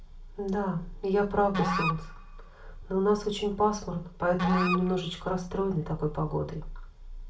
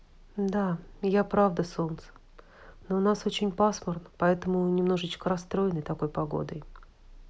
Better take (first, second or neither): second